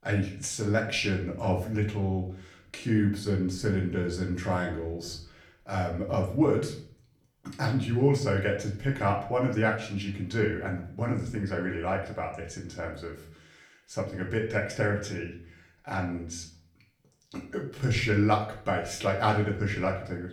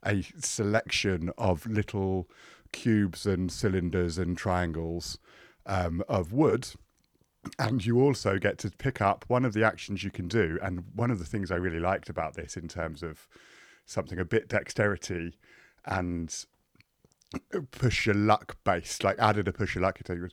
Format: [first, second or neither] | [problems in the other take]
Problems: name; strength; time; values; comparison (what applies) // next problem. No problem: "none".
second | room echo; slight; dies away in 0.5 s // off-mic speech; far